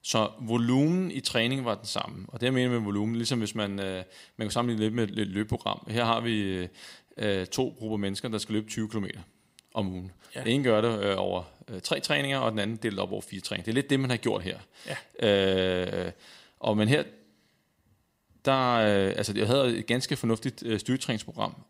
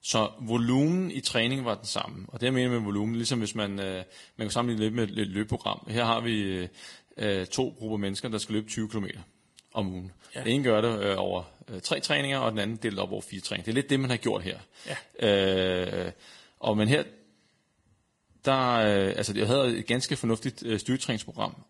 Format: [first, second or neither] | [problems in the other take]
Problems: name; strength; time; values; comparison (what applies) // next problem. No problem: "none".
first | garbled, watery; badly; nothing above 10.5 kHz